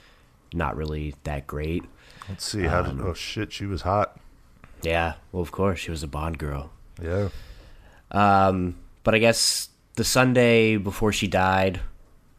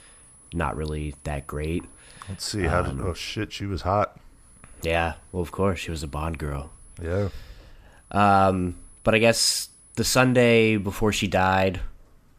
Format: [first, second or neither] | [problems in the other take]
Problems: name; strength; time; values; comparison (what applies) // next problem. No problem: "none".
first | high-pitched whine; faint; until 3.5 s, from 4.5 to 7 s and from 8 to 11 s; 10.5 kHz, 25 dB below the speech